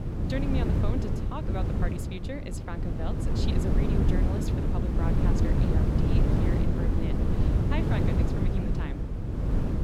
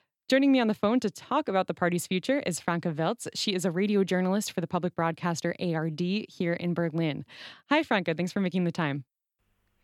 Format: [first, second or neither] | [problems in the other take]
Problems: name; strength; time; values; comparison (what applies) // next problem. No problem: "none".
second | wind noise on the microphone; heavy; 4 dB above the speech